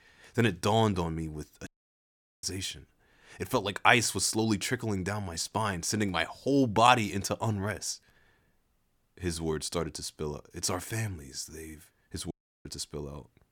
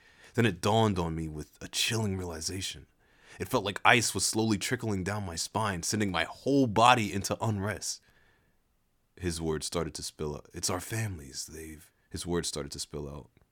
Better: second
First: audio cutting out; at 1.5 s for 1 s and at 12 s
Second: none

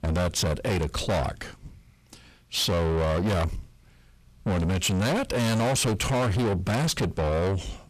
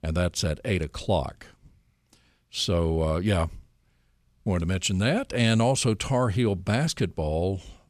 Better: second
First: distortion; heavy; 6 dB below the speech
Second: none

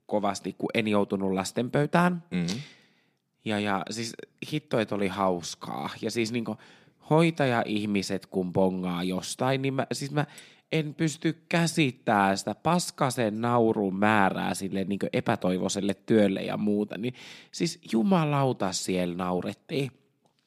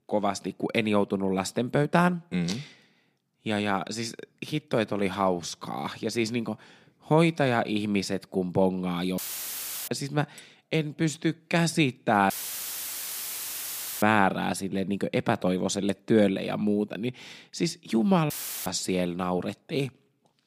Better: first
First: none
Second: audio cutting out; filled with static; at 9 s for 0.5 s, at 12 s for 1.5 s and at 18 s

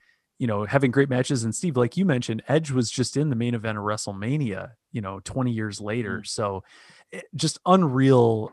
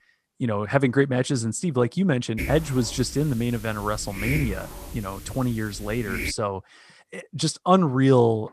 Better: first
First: none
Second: hiss; noticeable; from 2.5 to 6.5 s; 10 dB below the speech

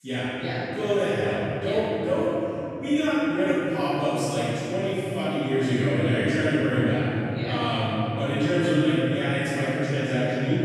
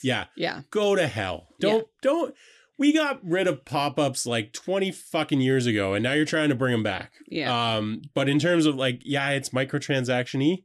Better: second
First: off-mic speech; far // room echo; strong; dies away in 3 s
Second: none

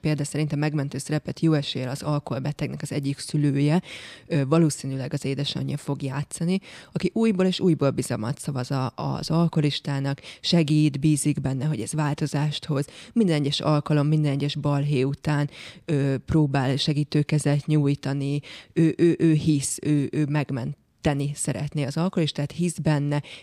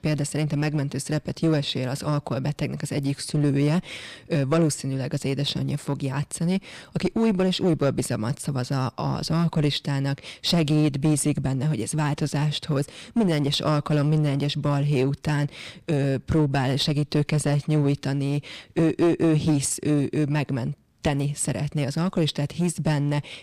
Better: first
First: none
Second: distortion; slight; 9% of the sound clipped

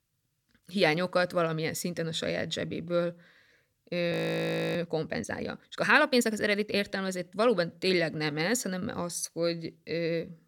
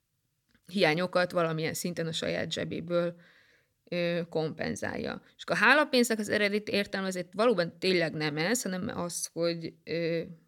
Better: second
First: audio freezing; at 4 s for 0.5 s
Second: none

